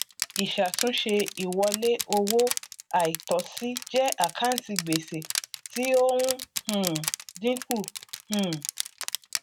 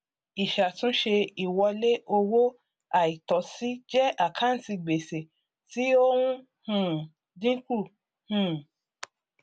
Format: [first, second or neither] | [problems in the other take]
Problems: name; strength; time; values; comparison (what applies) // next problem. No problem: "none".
second | background sound (Crushing); 7 dB below the speech